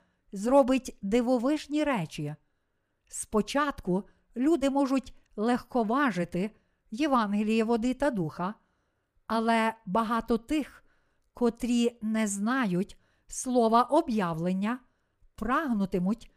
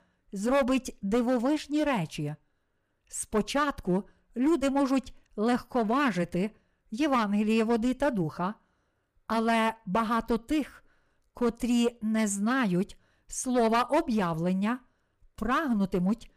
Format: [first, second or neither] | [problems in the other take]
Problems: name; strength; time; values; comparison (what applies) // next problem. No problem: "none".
first | distortion; slight; 5% of the sound clipped